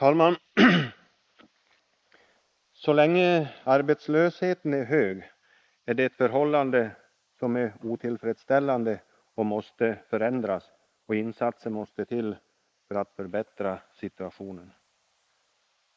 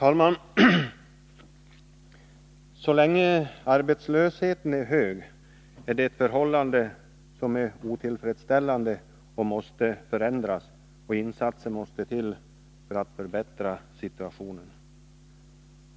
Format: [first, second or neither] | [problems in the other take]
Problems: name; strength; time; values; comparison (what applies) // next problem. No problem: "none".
second | noise reduction (neural mask model Resemble Enhance denoiser)